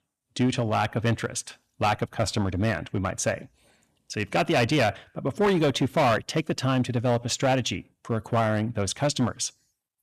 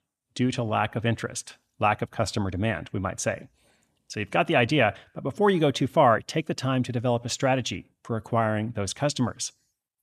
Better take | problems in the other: second | distortion; slight; 7% of the sound clipped

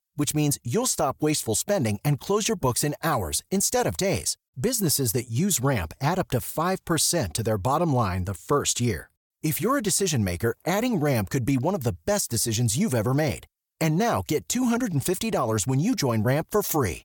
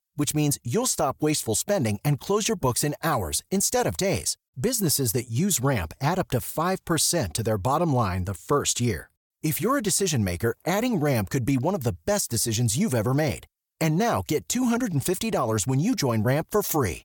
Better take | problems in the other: neither | none

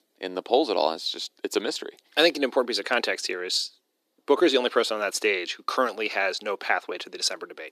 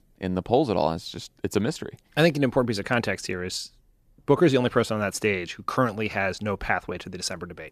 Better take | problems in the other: second | thin; somewhat; fading below 300 Hz

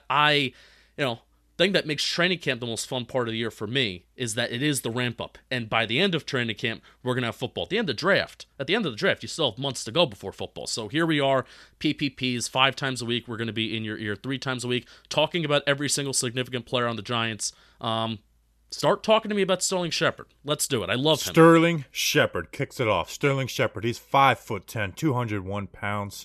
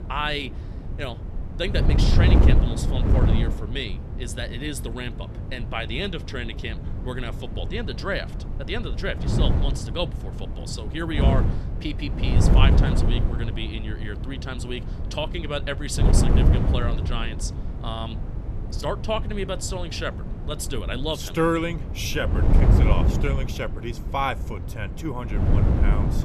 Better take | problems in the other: first | wind noise on the microphone; heavy; 5 dB below the speech

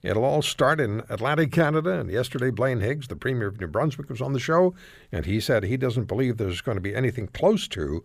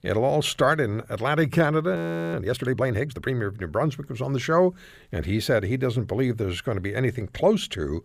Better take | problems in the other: first | audio freezing; at 2 s

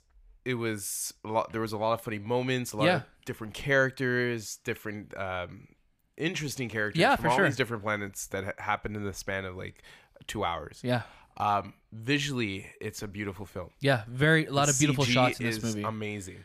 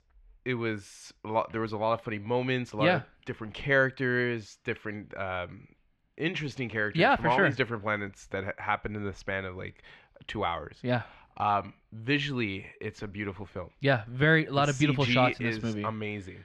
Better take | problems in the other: first | muffled; slightly; fading above 3 kHz

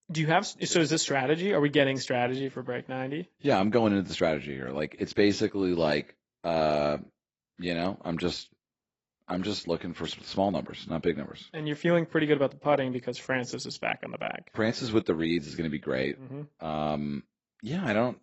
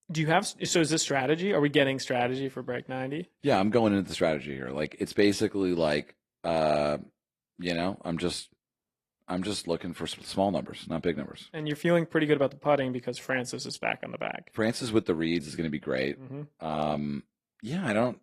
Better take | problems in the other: second | garbled, watery; badly; nothing above 7.5 kHz; slightly in the second

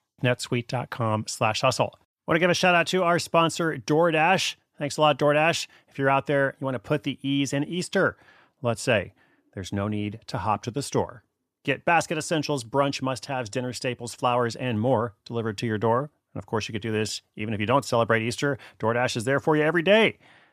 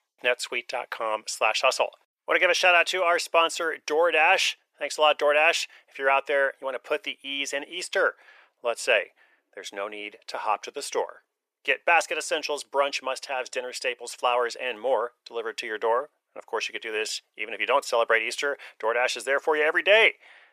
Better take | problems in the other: first | thin; very; fading below 450 Hz

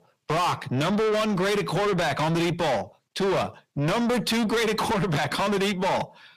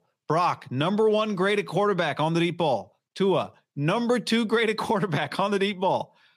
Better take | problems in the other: second | distortion; heavy; 6 dB below the speech

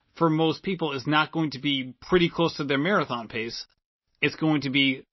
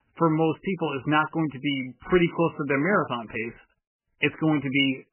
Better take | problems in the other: first | garbled, watery; badly; nothing above 3 kHz; slightly in the first

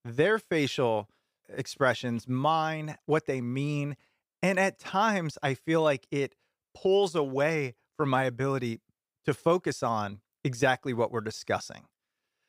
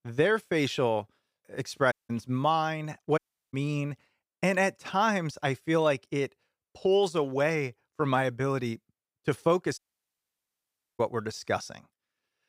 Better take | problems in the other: first | audio cutting out; at 2 s, at 3 s and at 10 s for 1 s

